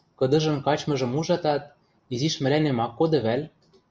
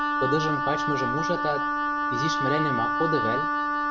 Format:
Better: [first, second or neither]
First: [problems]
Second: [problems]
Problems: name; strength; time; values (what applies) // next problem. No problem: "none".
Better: first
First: none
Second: background sound (Wind instrument, woodwind instrument); 4 dB above the speech